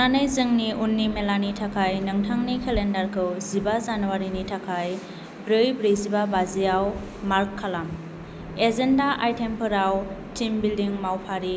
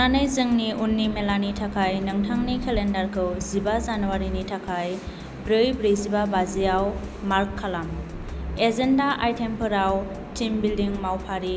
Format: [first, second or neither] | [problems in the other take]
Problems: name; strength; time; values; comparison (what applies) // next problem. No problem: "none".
first | background sound (Drum kit); 12 dB below the speech